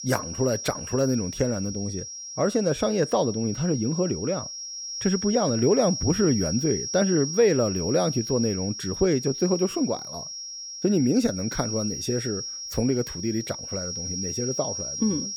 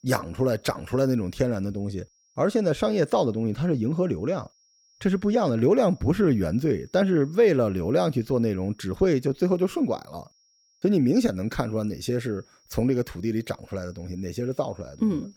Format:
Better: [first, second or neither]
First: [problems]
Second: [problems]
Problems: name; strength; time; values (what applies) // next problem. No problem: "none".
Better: second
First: high-pitched whine; loud; throughout; 5.5 kHz, 6 dB below the speech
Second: high-pitched whine; faint; throughout; 5.5 kHz, 35 dB below the speech